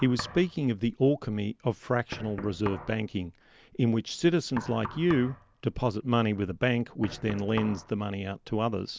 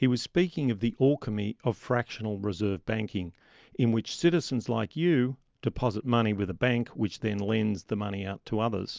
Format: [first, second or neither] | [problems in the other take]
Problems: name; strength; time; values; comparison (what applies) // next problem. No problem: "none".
second | background sound (Knock); 16 dB below the speech